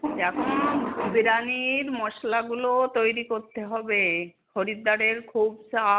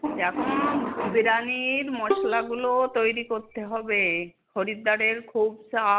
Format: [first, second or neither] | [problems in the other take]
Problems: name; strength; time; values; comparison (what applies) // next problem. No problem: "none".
first | background sound (Bowed string instrument); 8 dB below the speech